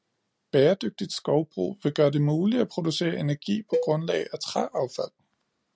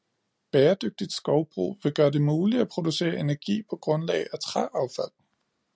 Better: second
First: background sound (Cowbell); 8 dB below the speech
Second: none

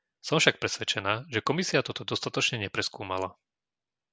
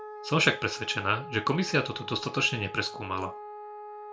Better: first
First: none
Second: background sound (Wind instrument, woodwind instrument); 12 dB below the speech // room echo; dies away in 0.2 s

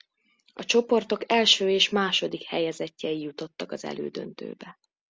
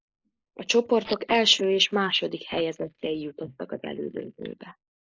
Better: first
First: none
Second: noise reduction (neural mask model Resemble Enhance denoiser)

